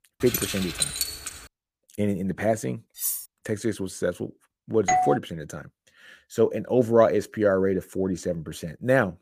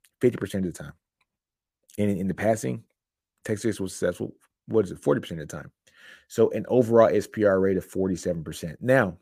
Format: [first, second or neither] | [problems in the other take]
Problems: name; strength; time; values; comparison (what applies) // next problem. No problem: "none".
second | jangling keys; loud; until 1.5 s; peak level with the speech // clattering dishes; noticeable; at 3 s; peak 2 dB below the speech // doorbell; loud; at 5 s; peak 2 dB above the speech